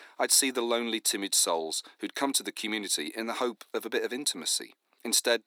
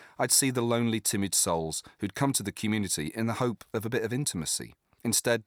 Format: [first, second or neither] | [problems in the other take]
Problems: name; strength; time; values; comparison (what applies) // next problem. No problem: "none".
second | thin; very slightly; fading below 250 Hz